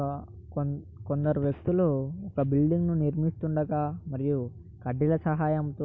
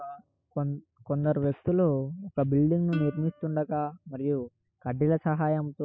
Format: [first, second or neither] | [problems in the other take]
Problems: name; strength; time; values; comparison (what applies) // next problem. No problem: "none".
first | noise reduction (classical method spectral subtraction)